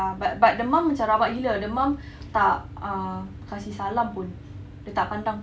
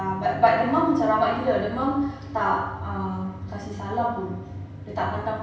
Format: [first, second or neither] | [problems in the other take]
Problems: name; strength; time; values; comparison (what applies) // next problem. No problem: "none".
first | background sound (Bowed string instrument); 19 dB below the speech // room echo; dies away in 0.9 s